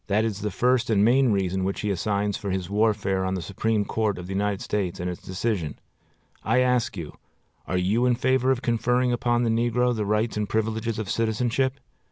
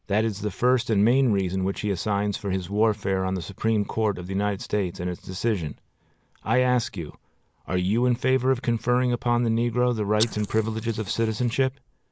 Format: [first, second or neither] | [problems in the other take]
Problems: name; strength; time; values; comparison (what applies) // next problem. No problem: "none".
first | noise reduction (neural mask model Resemble Enhance denoiser)